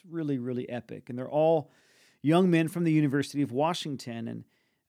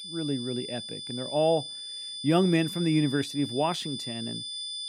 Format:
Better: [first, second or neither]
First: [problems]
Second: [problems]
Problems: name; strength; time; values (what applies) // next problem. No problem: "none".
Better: first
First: none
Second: high-pitched whine; loud; throughout; 3.5 kHz, 7 dB below the speech